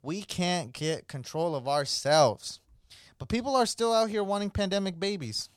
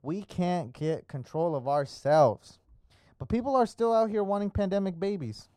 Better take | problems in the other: first | muffled; very; fading above 2 kHz

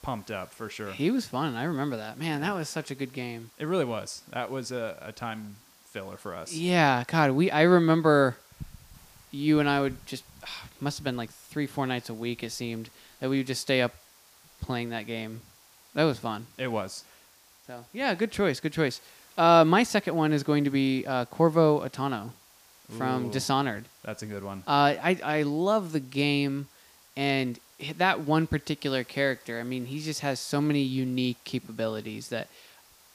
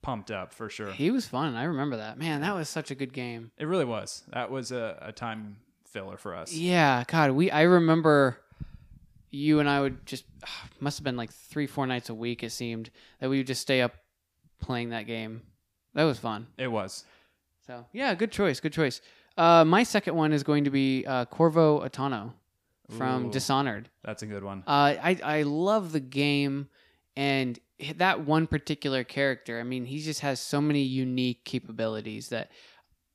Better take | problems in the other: second | hiss; faint; throughout; 25 dB below the speech

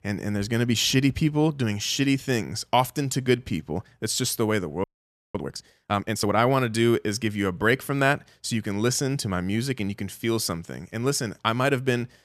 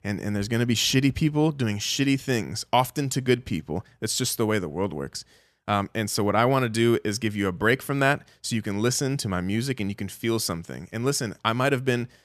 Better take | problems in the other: second | audio freezing; at 5 s for 0.5 s

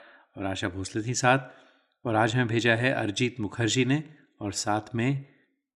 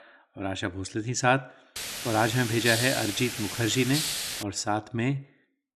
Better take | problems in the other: first | hiss; loud; from 2 to 4.5 s; 3 dB below the speech

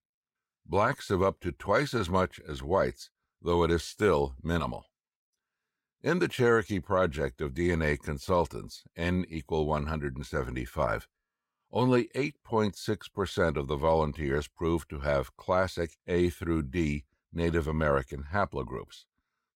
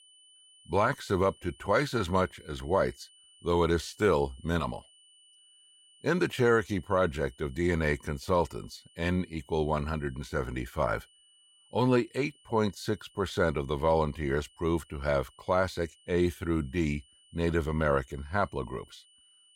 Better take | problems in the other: first | high-pitched whine; faint; throughout; 3 kHz, 30 dB below the speech

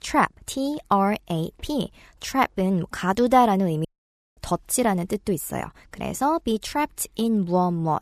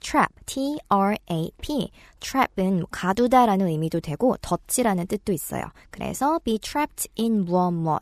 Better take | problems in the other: second | audio cutting out; at 4 s for 0.5 s

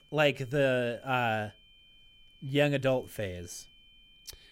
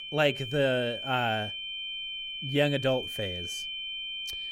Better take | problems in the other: first | high-pitched whine; loud; throughout; 3 kHz, 6 dB below the speech; faint in the first

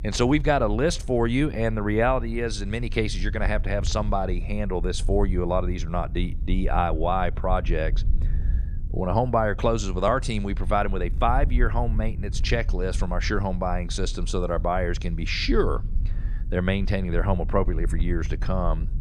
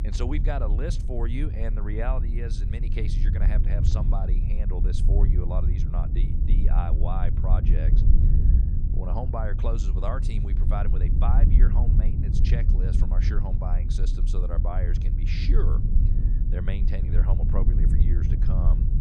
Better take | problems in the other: first | low rumble; loud; throughout; 4 dB below the speech; faint in the first

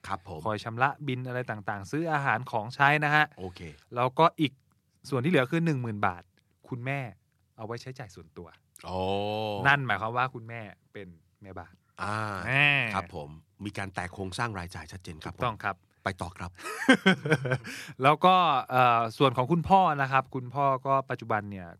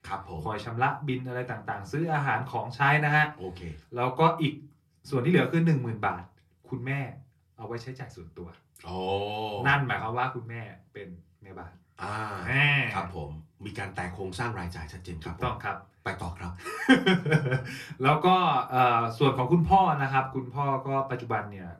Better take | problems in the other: first | off-mic speech; far // room echo; very slight; dies away in 0.2 s

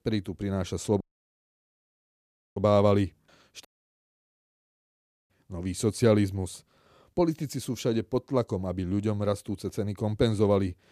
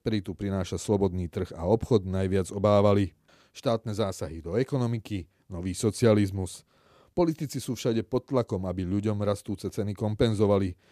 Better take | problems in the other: second | audio cutting out; at 1 s for 1.5 s and at 3.5 s for 1.5 s

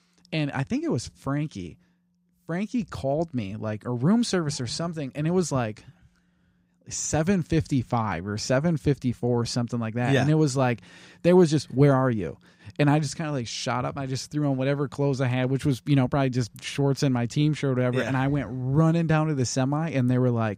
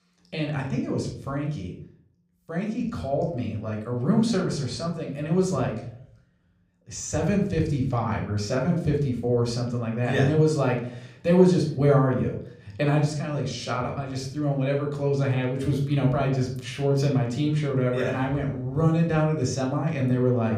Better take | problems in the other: first | off-mic speech; somewhat distant // room echo; slight; dies away in 0.5 s

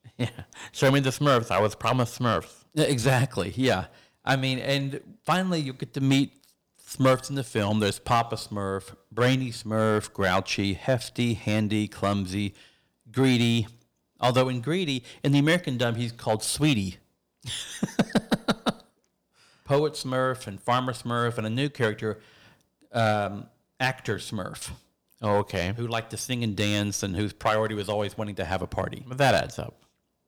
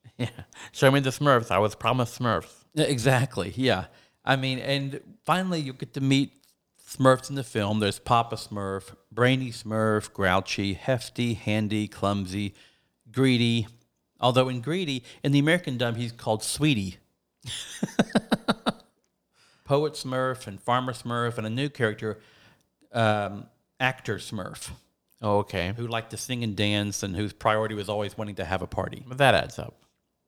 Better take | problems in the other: second | distortion; slight; 2% of the sound clipped

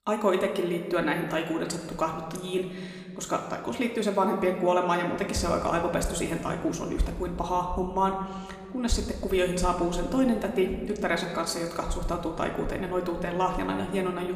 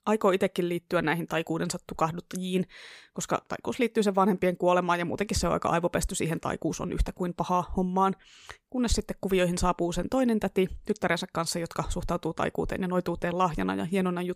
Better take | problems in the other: second | room echo; slight; dies away in 1.5 s // off-mic speech; somewhat distant

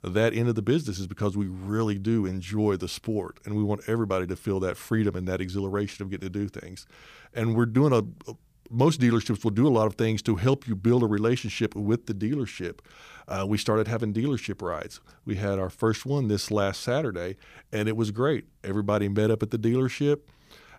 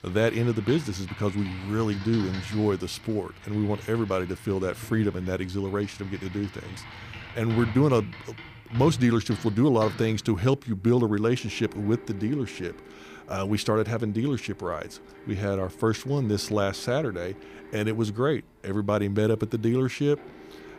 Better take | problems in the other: first | household noises; noticeable; throughout; 15 dB below the speech

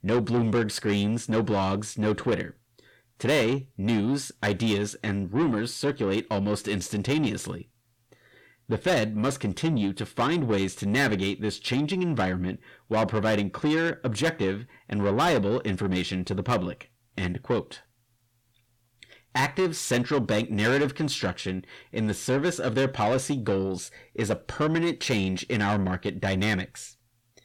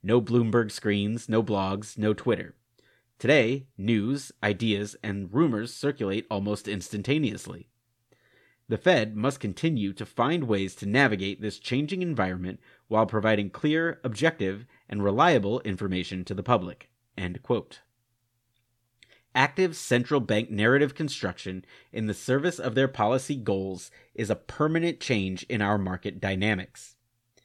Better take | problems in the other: second | distortion; heavy; 8 dB below the speech

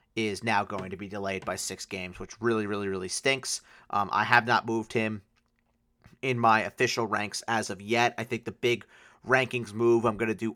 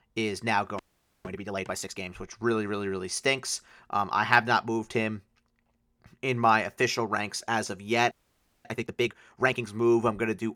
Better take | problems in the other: first | audio freezing; at 1 s and at 8 s for 0.5 s

